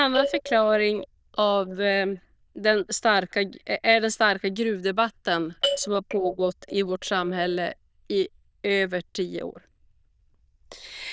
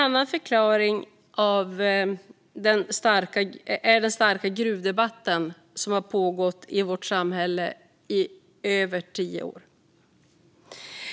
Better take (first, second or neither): second